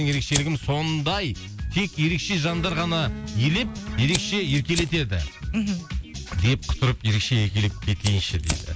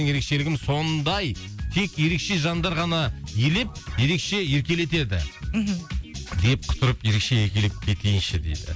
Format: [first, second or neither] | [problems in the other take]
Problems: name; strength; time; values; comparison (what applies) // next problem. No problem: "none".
second | background sound (Fire + Electric guitar); 12 dB below the speech